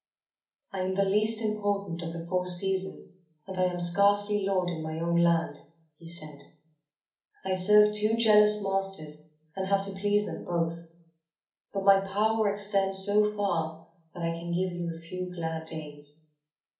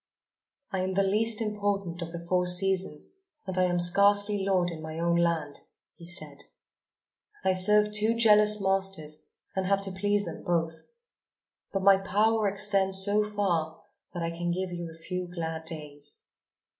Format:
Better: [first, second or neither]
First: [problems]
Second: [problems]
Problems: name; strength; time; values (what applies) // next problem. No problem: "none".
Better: second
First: room echo; dies away in 0.4 s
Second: none